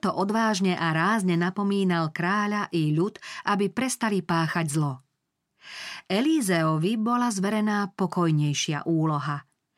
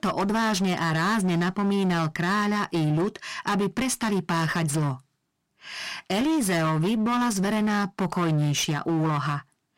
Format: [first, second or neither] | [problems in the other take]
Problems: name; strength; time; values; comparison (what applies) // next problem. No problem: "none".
first | distortion; slight; 27% of the sound clipped